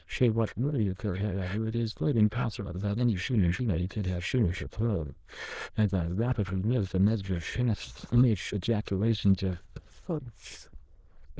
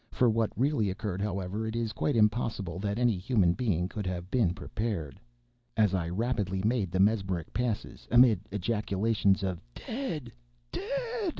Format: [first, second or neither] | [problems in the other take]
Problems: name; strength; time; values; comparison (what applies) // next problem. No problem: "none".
second | noise reduction (neural diffusion model UNIVERSE++)